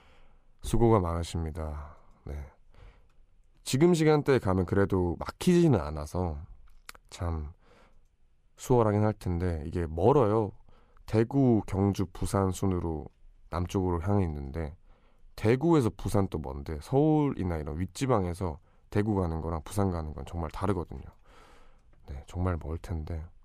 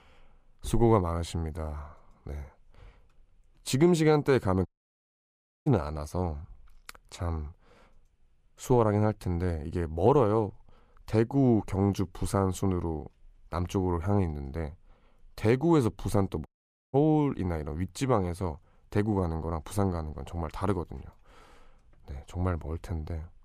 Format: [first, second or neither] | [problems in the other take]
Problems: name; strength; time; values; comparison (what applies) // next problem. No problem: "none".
first | audio cutting out; at 4.5 s for 1 s and at 16 s